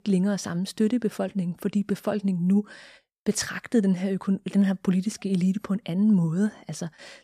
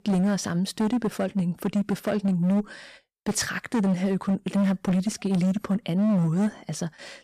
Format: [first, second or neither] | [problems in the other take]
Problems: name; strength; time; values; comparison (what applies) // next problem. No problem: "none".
first | distortion; slight; 16% of the sound clipped